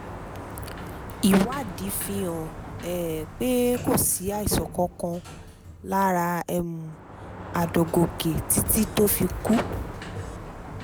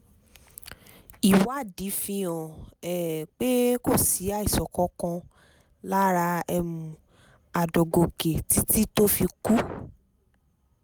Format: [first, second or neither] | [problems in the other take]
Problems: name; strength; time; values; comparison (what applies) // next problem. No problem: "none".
second | background sound (Drum kit + Sliding door); 10 dB below the speech